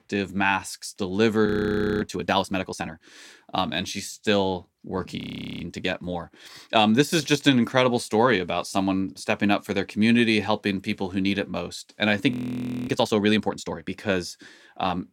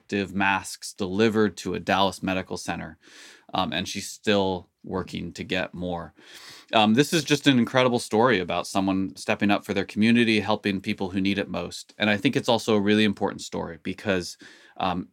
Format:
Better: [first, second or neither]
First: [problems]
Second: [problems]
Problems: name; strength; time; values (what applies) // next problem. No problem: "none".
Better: second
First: audio freezing; at 1.5 s for 0.5 s, at 5 s and at 12 s for 0.5 s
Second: none